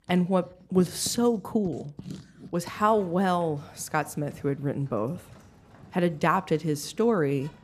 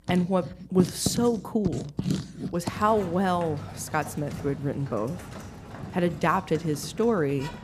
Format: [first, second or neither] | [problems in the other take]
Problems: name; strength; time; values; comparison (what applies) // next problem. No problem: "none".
first | household noises; loud; throughout; 9 dB below the speech; faint in the first